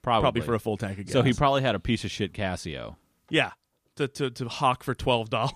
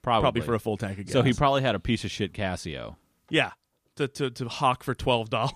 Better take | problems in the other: neither | none

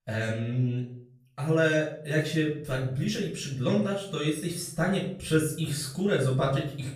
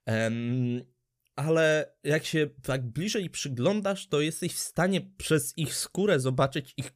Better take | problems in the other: second | off-mic speech; far // room echo; noticeable; dies away in 0.5 s

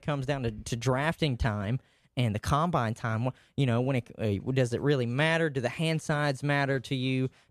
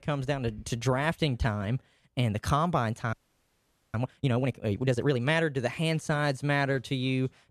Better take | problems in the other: first | audio freezing; at 3 s for 1 s

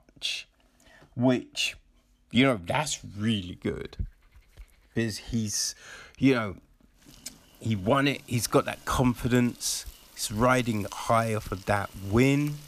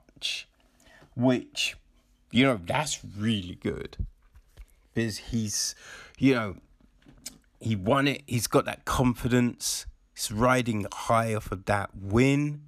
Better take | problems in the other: second | animal sounds; faint; from 3 s on; 25 dB below the speech

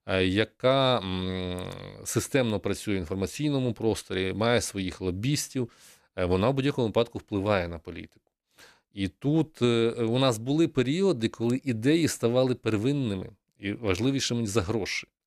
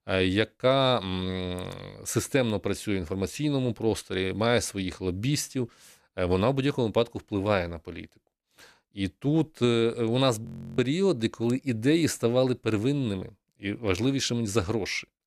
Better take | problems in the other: first | audio freezing; at 10 s

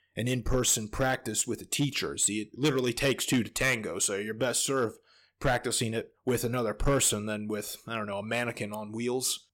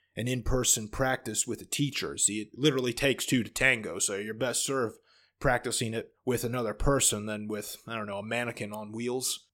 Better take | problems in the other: second | distortion; slight; 3% of the sound clipped

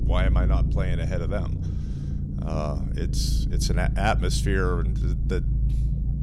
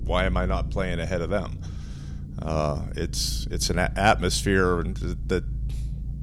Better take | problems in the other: second | low rumble; loud; throughout; 10 dB below the speech; faint in the second

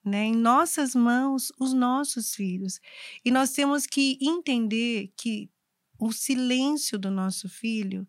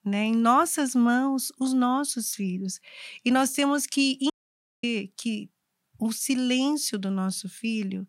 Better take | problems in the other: first | audio cutting out; at 4.5 s for 0.5 s

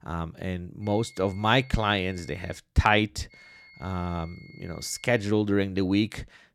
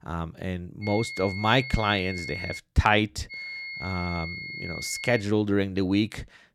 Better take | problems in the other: first | high-pitched whine; loud; from 1 to 2.5 s and from 3.5 to 5 s; 2 kHz, 8 dB below the speech; faint in the first

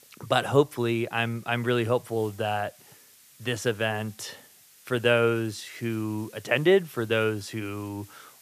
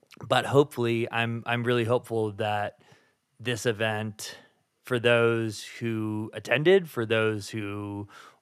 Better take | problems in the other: second | hiss; faint; throughout; 25 dB below the speech

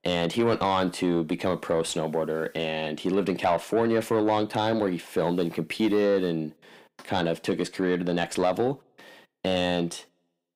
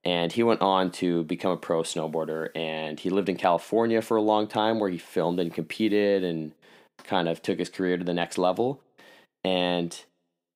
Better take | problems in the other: second | distortion; slight; 10 dB below the speech

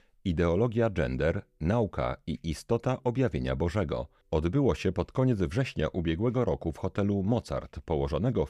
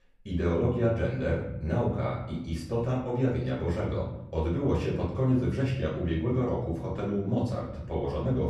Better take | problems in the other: first | off-mic speech; far // room echo; noticeable; dies away in 0.9 s

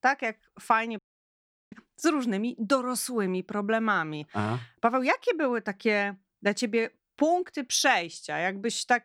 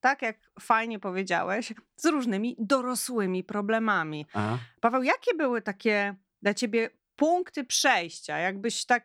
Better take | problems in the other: second | audio cutting out; at 1 s for 0.5 s

